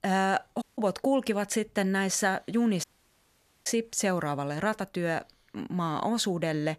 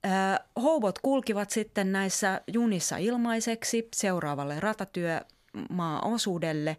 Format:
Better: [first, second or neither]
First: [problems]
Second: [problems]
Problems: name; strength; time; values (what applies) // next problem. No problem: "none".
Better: second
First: audio cutting out; at 0.5 s and at 3 s for 1 s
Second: none